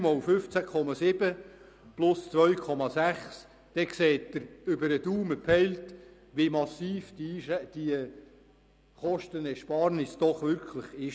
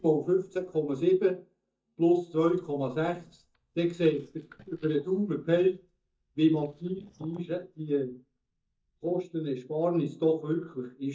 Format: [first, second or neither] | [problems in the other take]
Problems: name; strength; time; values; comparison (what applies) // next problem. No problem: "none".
first | noise reduction (neural mask model DeepFilterNet 3)